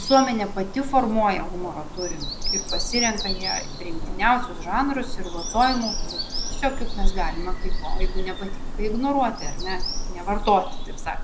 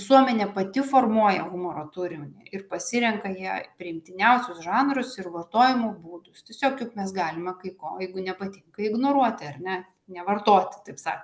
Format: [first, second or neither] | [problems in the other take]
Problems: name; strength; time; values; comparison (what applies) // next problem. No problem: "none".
second | background sound (Bird vocalization, bird call, bird song); as loud as the speech